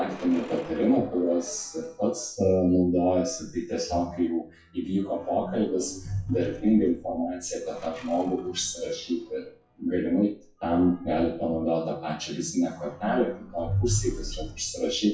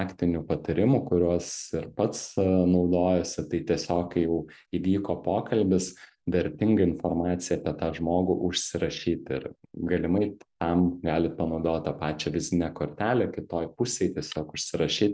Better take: second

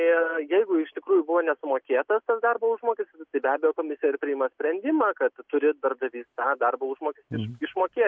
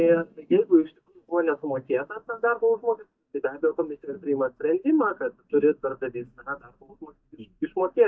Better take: first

